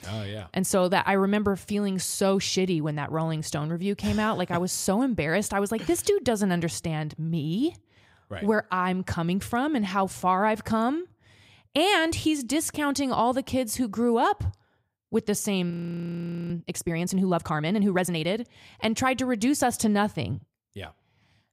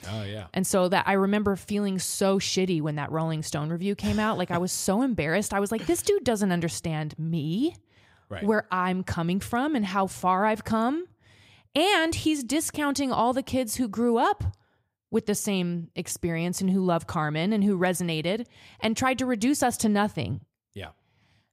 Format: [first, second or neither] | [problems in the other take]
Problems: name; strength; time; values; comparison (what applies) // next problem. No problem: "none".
second | audio freezing; at 16 s for 1 s